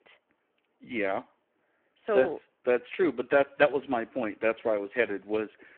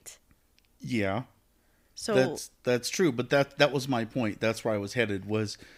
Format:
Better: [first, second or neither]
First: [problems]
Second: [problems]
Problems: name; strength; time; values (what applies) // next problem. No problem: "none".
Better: second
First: phone-call audio; poor line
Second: none